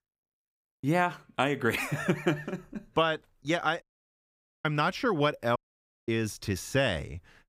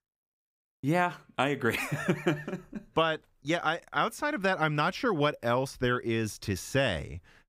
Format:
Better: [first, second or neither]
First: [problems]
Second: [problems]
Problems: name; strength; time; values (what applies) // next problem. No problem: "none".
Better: second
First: audio cutting out; at 4 s for 1 s and at 5.5 s for 0.5 s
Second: none